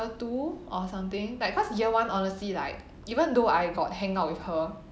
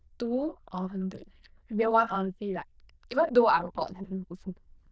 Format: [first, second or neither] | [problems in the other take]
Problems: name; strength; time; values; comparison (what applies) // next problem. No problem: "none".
first | noise reduction (neural diffusion model UNIVERSE++)